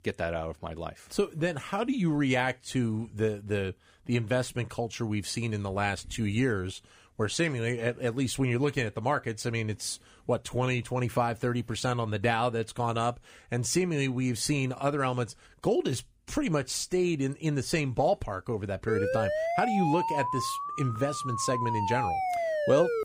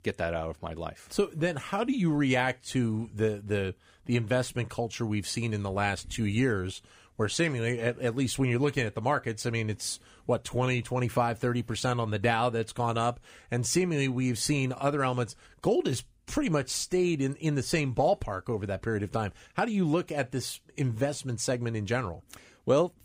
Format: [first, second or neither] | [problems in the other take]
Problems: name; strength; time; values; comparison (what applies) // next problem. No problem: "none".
second | siren; loud; from 19 s on; peak 1 dB above the speech